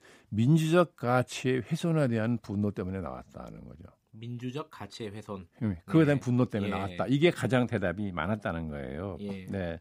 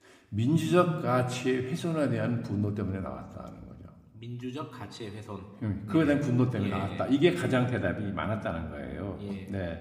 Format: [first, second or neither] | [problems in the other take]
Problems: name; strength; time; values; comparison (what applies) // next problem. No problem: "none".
first | room echo; slight; dies away in 1 s